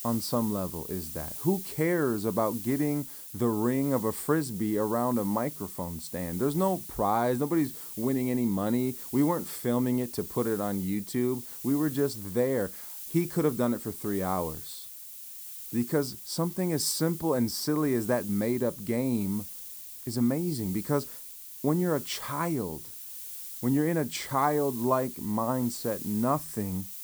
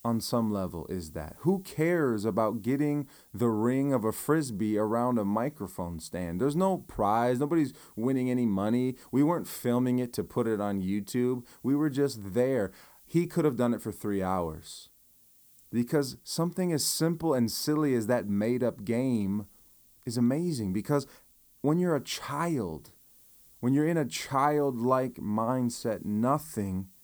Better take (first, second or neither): second